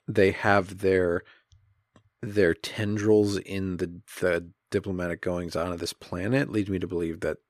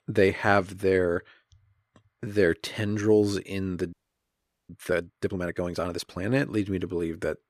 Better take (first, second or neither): first